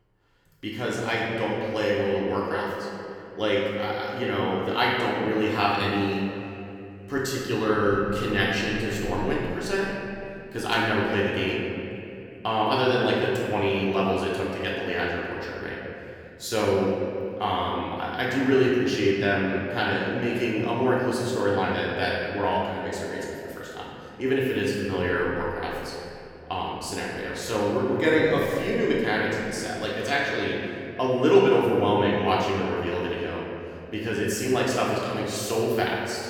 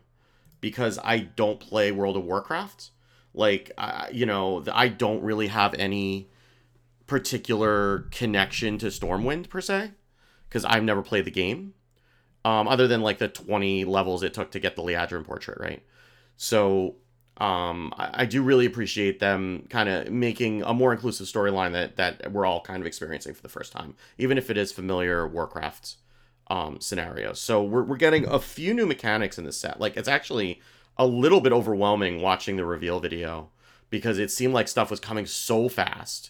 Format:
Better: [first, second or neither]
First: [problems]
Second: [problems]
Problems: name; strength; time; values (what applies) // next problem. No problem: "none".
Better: second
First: room echo; noticeable; dies away in 2.4 s // off-mic speech; far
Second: none